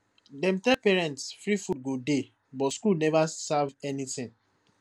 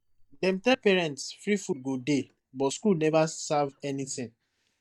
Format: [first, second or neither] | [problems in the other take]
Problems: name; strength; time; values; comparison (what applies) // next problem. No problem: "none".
first | noise reduction (neural mask model DeepFilterNet 3)